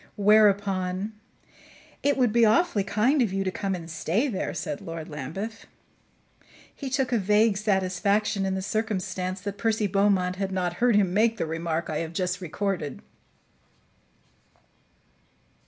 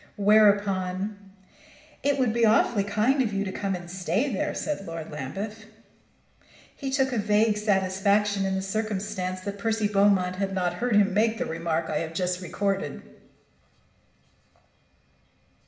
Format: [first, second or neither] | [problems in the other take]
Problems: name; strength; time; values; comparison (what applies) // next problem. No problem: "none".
first | room echo; dies away in 0.9 s